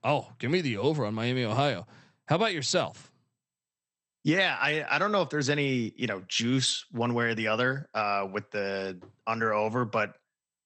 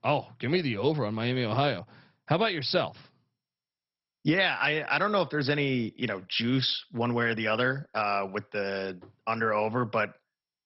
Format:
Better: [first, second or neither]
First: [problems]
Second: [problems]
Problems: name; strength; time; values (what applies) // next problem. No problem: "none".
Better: first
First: garbled, watery; slightly; nothing above 8.5 kHz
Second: garbled, watery; badly; nothing above 5.5 kHz